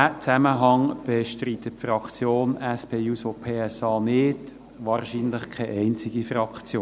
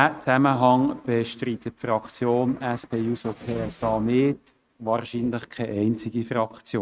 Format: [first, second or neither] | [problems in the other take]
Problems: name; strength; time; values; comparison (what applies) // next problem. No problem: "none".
first | noise reduction (neural mask model RNNoise)